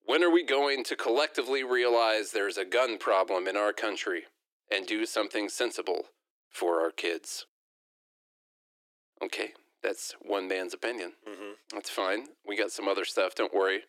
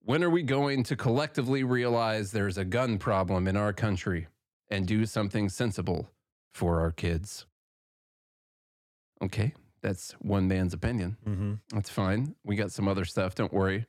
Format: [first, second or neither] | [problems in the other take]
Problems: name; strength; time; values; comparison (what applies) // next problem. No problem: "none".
second | thin; very; fading below 350 Hz